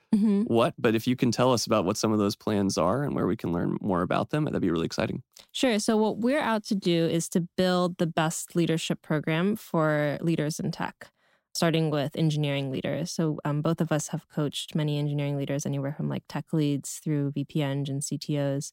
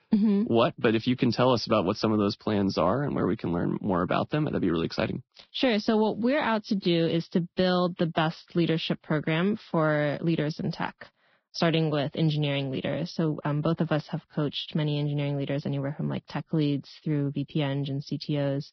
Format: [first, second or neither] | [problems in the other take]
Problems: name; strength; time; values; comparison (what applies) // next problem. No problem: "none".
first | garbled, watery; badly; nothing above 5.5 kHz